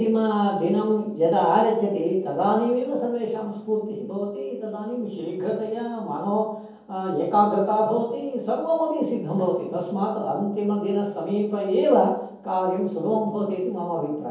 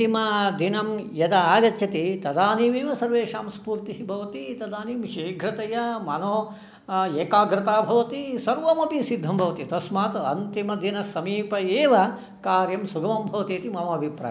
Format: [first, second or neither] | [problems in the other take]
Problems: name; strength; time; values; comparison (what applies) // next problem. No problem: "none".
second | room echo; dies away in 0.7 s